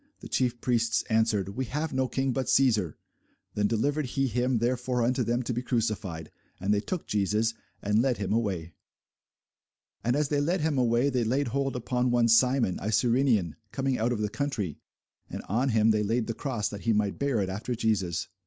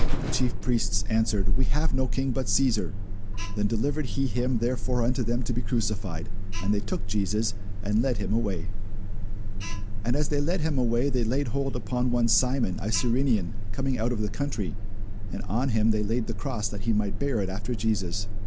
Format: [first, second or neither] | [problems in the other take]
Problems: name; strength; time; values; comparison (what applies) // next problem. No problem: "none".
first | background sound (Alarm); 5 dB above the speech